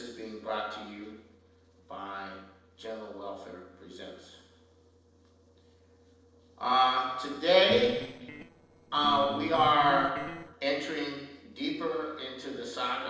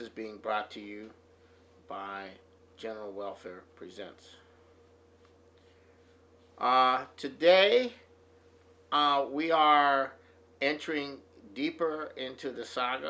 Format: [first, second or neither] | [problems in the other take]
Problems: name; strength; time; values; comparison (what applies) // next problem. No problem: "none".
second | noise reduction (neural separator model SepFormer DNS4)